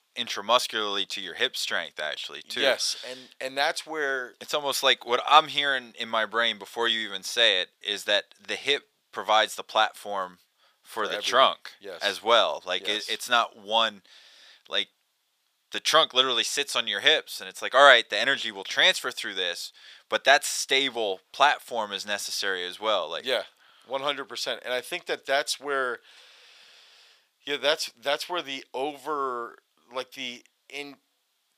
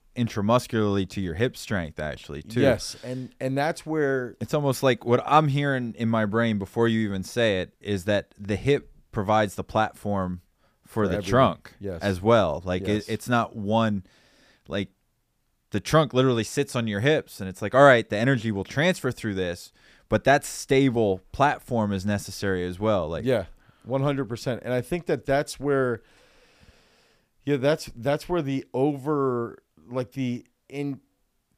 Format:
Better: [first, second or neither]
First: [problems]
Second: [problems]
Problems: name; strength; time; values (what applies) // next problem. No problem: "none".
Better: second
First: thin; very; fading below 750 Hz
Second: none